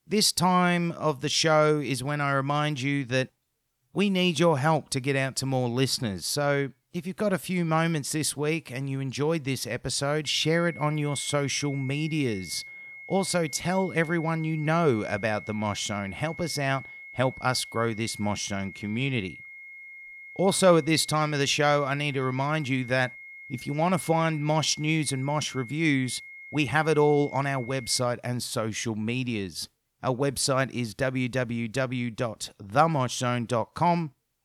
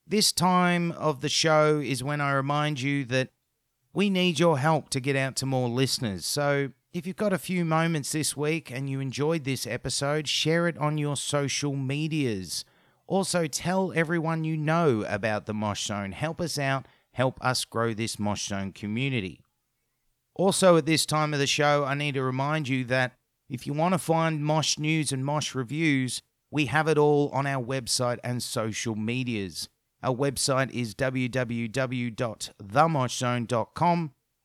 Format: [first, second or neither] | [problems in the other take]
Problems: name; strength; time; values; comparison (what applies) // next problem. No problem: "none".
second | high-pitched whine; noticeable; from 10 to 28 s; 2 kHz, 15 dB below the speech